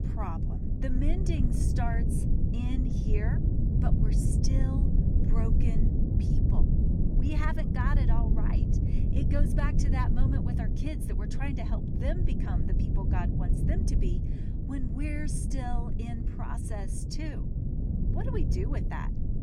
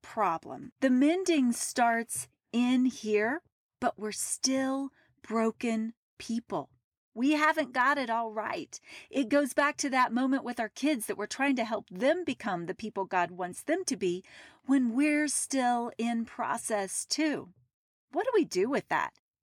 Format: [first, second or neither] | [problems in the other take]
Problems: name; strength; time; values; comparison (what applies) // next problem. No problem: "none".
second | low rumble; loud; throughout; 1 dB below the speech